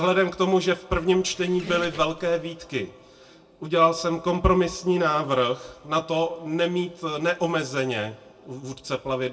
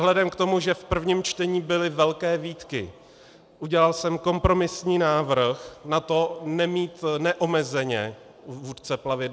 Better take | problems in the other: second | background sound (Squeak); 15 dB below the speech // room echo; dies away in 0.2 s

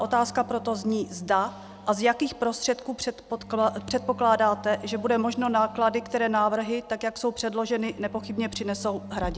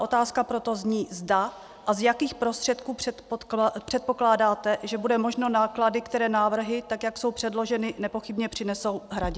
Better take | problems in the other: second | background sound (Bowed string instrument); 18 dB below the speech

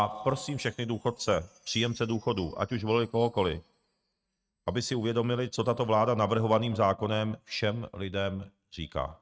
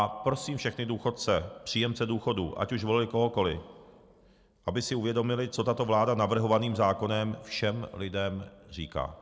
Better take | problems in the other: second | noise reduction (neural mask model RNNoise)

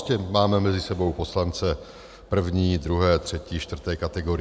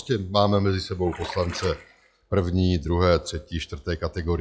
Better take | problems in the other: first | noise reduction (classical method log-MMSE)

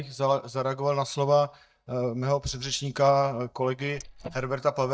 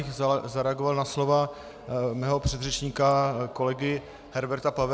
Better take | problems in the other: second | noise reduction (neural mask model DeepFilterNet 3)

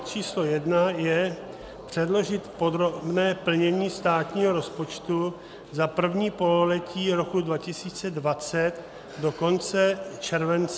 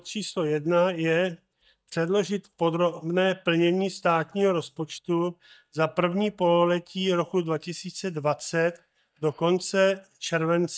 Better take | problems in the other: first | noise reduction (neural mask model DeepFilterNet 3)

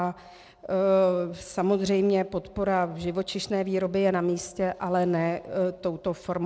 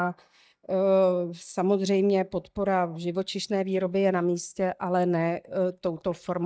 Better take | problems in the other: first | noise reduction (neural mask model DeepFilterNet 3)

